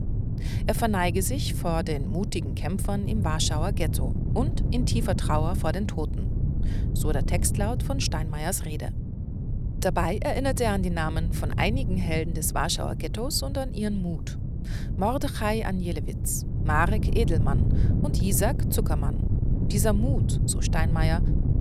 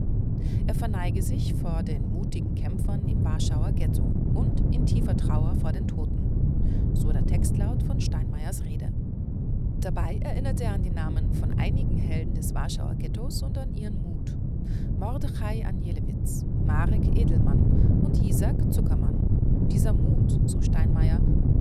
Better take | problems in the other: first | wind noise on the microphone; heavy; 2 dB above the speech; occasional gusts in the first

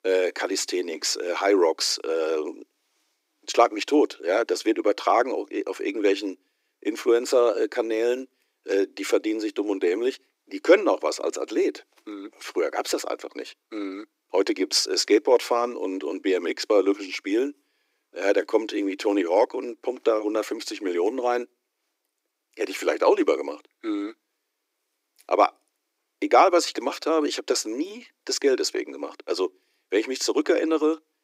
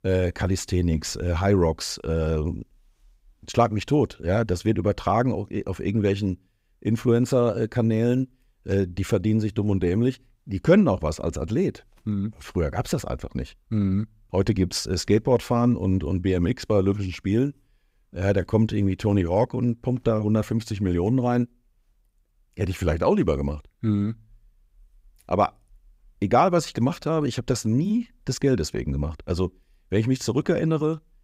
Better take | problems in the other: second | thin; somewhat; fading below 300 Hz

